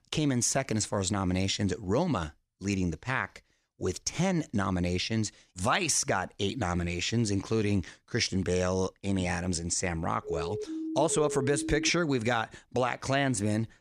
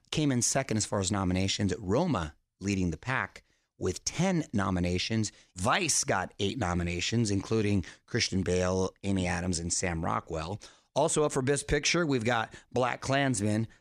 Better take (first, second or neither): second